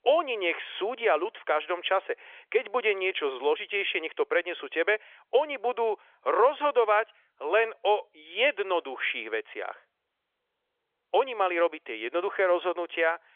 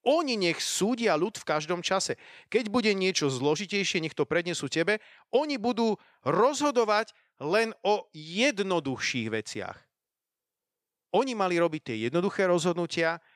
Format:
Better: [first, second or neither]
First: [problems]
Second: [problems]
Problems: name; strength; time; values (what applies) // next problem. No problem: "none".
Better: second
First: phone-call audio; nothing above 3.5 kHz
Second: none